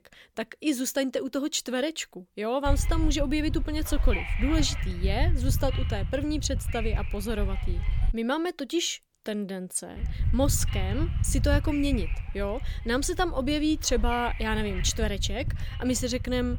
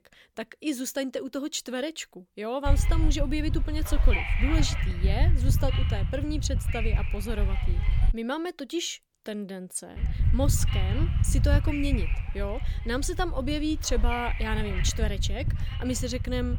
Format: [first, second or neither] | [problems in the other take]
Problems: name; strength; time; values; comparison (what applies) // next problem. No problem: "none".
first | wind noise on the microphone; heavy; from 2.5 to 8 s and from 10 s on; 5 dB below the speech; occasional gusts in the first